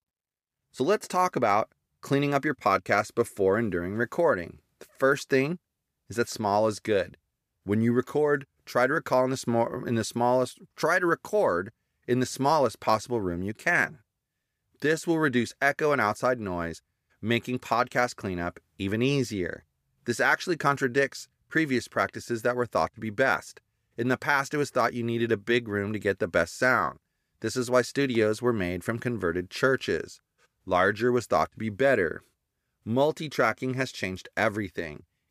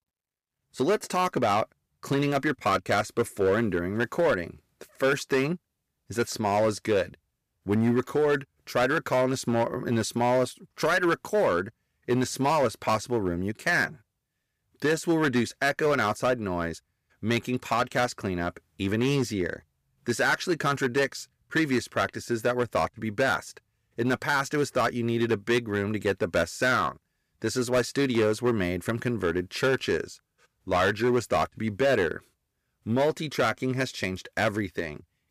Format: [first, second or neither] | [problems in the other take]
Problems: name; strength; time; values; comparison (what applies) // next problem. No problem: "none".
first | distortion; slight; 6% of the sound clipped